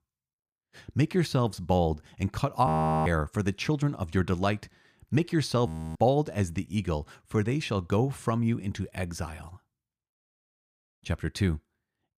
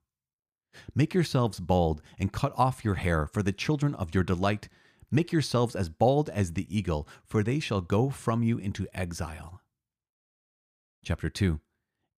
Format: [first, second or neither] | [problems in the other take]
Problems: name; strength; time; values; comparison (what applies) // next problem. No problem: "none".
second | audio freezing; at 2.5 s and at 5.5 s